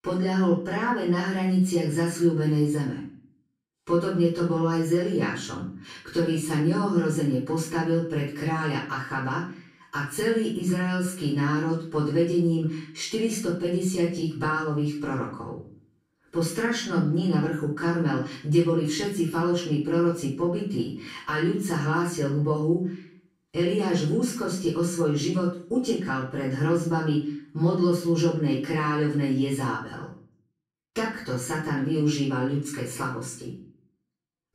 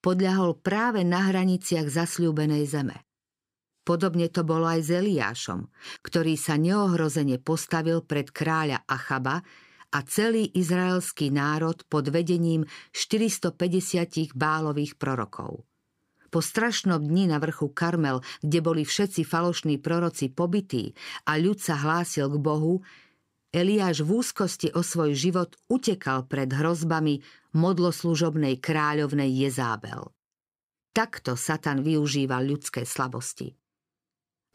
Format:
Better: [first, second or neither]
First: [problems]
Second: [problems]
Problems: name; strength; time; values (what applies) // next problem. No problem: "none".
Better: second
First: off-mic speech; far // room echo; noticeable; dies away in 0.5 s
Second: none